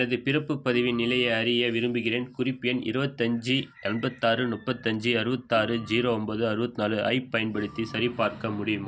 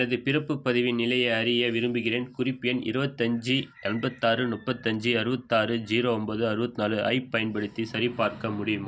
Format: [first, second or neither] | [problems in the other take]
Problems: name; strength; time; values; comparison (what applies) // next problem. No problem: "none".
second | background sound (Organ); 18 dB below the speech